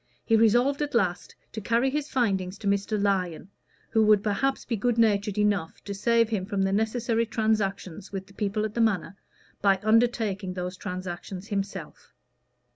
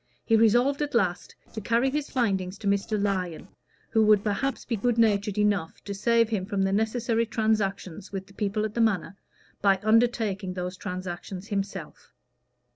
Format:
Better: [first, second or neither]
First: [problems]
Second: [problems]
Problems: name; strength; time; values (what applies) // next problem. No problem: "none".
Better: first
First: none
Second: noise reduction (neural separator model SepFormer DNS4)